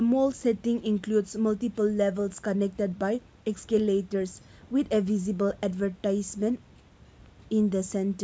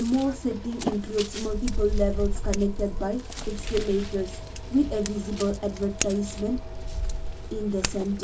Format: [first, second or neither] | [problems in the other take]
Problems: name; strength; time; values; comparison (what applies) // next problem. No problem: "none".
first | background sound (Scissors); 3 dB below the speech // room echo; dies away in 0.2 s